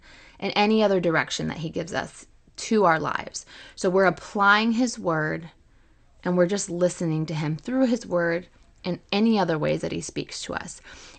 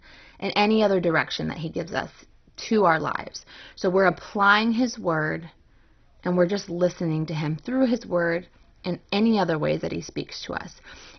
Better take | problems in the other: first | garbled, watery; badly; nothing above 6 kHz; slightly in the first

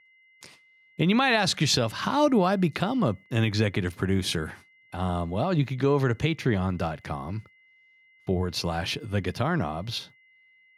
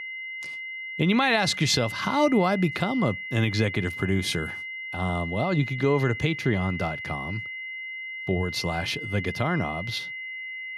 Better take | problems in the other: first | high-pitched whine; loud; throughout; 2 kHz, 8 dB below the speech; faint in the first

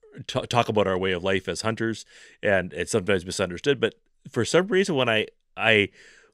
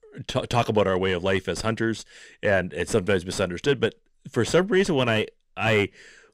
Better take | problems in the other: first | distortion; slight; 10 dB below the speech

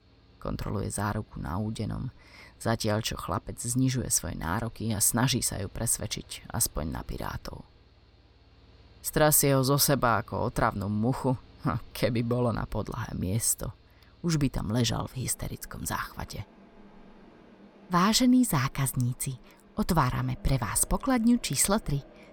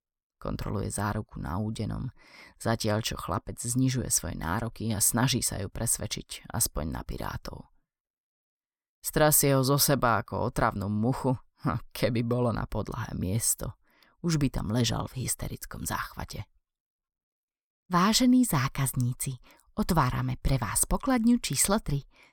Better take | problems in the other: second | machinery noise; faint; throughout; 30 dB below the speech

